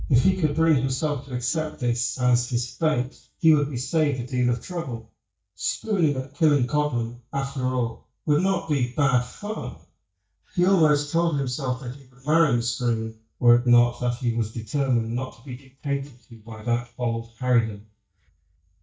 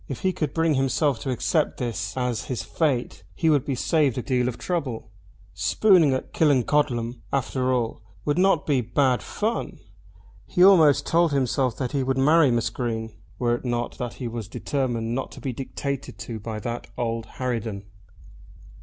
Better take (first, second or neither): second